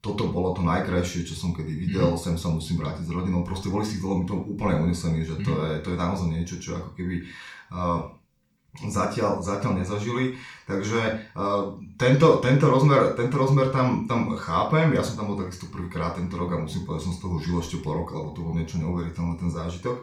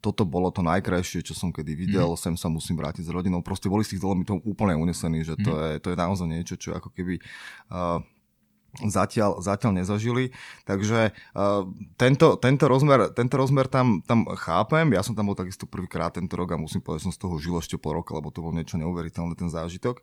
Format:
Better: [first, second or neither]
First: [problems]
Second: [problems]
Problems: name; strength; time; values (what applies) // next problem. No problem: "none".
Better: second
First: room echo; slight; dies away in 0.4 s // off-mic speech; far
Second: none